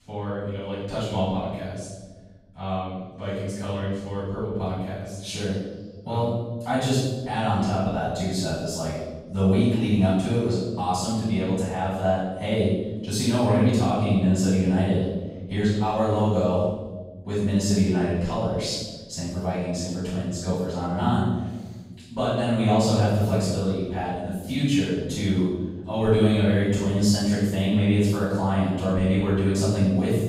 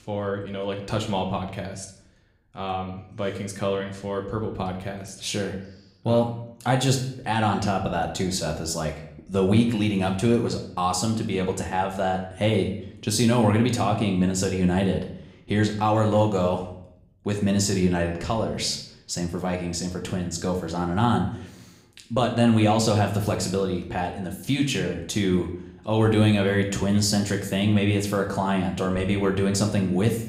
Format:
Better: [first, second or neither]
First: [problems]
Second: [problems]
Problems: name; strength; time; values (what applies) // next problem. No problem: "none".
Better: second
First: room echo; strong; dies away in 1.2 s // off-mic speech; far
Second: room echo; slight; dies away in 0.6 s // off-mic speech; somewhat distant